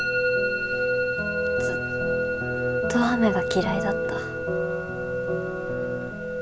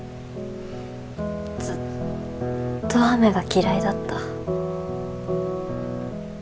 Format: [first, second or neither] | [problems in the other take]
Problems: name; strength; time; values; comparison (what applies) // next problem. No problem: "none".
second | background sound (Musical instrument); 2 dB above the speech